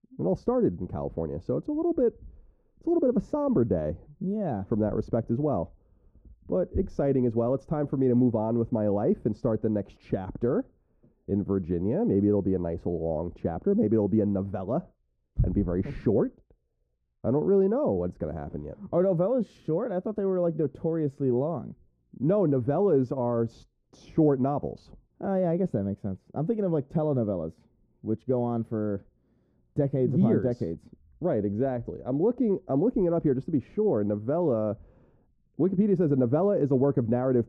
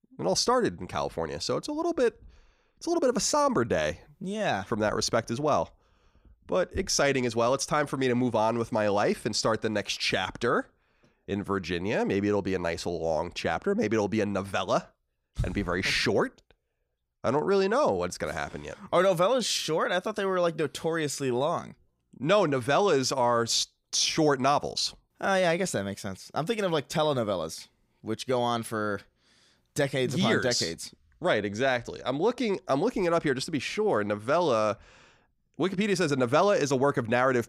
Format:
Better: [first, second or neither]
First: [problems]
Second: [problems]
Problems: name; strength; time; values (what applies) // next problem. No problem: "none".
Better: second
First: muffled; very; fading above 1 kHz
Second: none